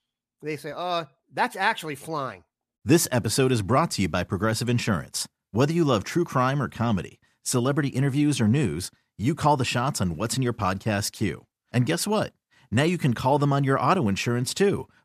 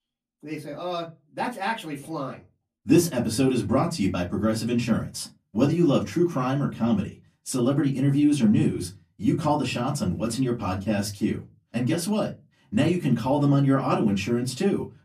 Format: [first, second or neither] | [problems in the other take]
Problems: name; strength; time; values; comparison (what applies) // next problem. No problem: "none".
first | off-mic speech; far // room echo; very slight; dies away in 0.2 s